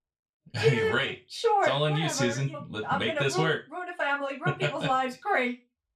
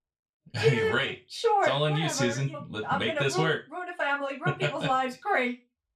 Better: neither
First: room echo; very slight; dies away in 0.2 s // off-mic speech; far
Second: room echo; very slight; dies away in 0.2 s // off-mic speech; far

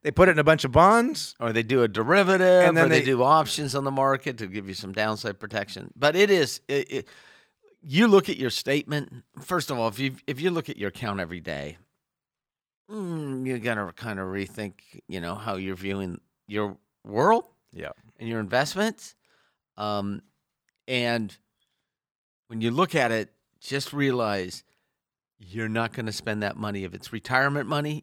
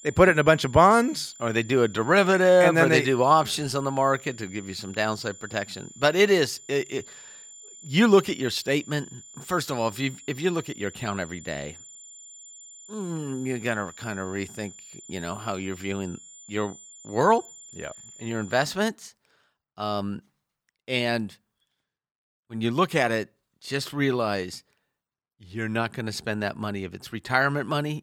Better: first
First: none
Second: high-pitched whine; noticeable; until 19 s; 7 kHz, 20 dB below the speech

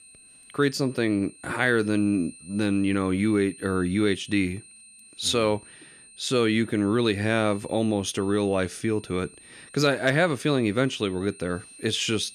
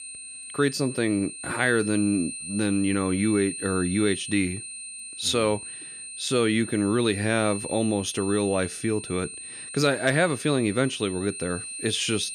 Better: first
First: high-pitched whine; faint; throughout; 9 kHz, 20 dB below the speech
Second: high-pitched whine; loud; throughout; 9 kHz, 9 dB below the speech

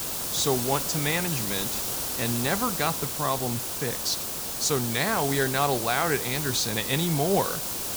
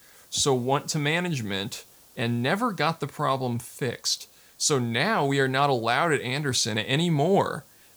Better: second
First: hiss; loud; throughout; 1 dB below the speech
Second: hiss; faint; throughout; 25 dB below the speech

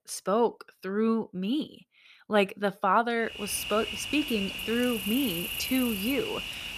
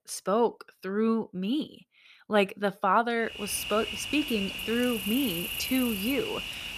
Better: neither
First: animal sounds; loud; from 3.5 s on; 5 dB below the speech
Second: animal sounds; loud; from 3.5 s on; 5 dB below the speech

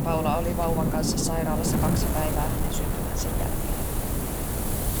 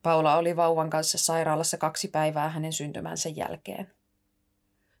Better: second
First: wind noise on the microphone; heavy; 2 dB below the speech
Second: none

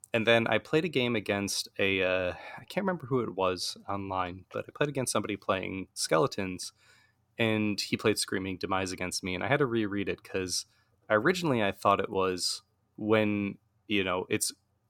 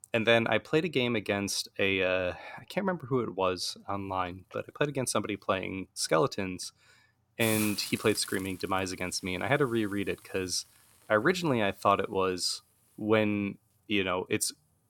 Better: first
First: none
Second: hiss; noticeable; from 4 s on; 10 dB below the speech

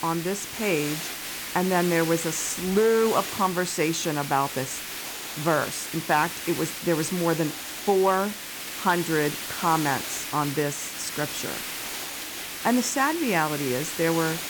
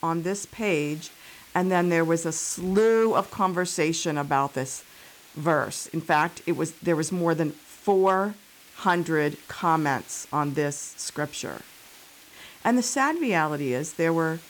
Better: second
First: hiss; loud; throughout; 6 dB below the speech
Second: hiss; faint; throughout; 20 dB below the speech

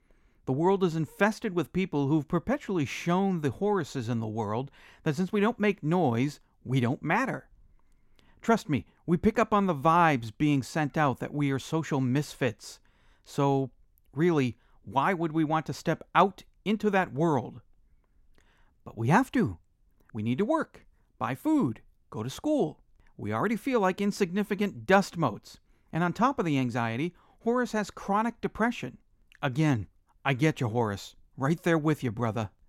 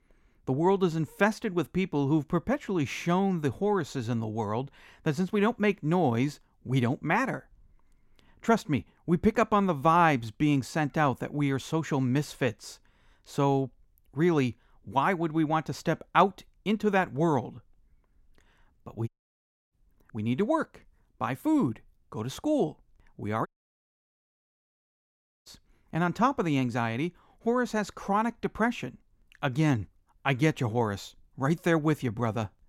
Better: first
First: none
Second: audio cutting out; at 19 s for 0.5 s and at 23 s for 2 s

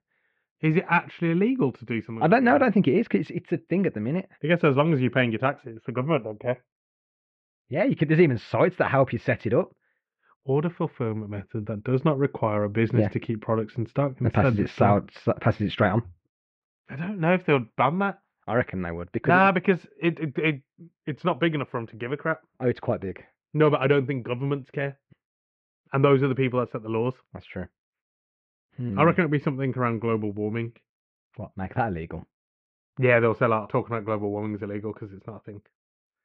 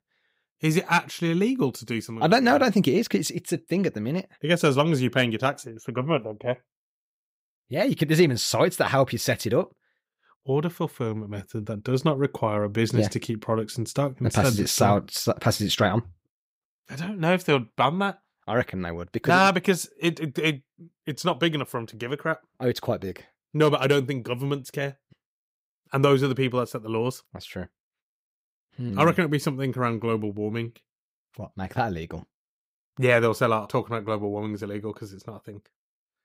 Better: second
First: muffled; very; fading above 2.5 kHz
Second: none

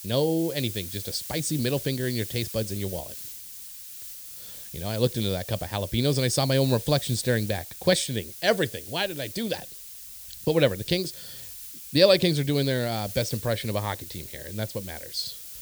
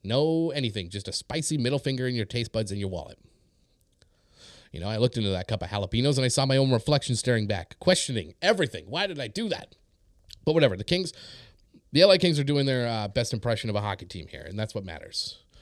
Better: second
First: hiss; noticeable; throughout; 10 dB below the speech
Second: none

